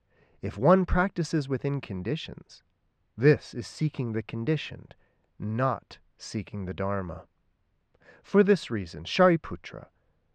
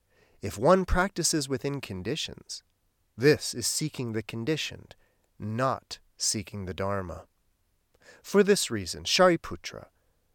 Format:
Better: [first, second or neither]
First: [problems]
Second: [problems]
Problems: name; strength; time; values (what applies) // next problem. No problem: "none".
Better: second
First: muffled; slightly; fading above 2.5 kHz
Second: none